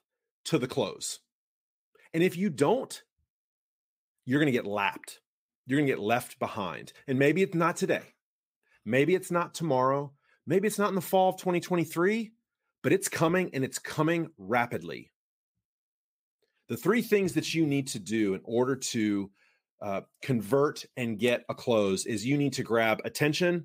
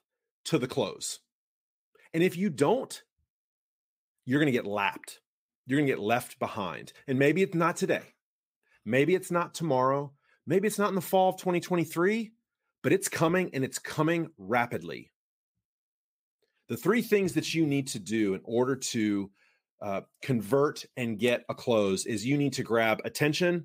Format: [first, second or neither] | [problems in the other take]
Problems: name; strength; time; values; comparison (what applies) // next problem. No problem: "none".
neither | none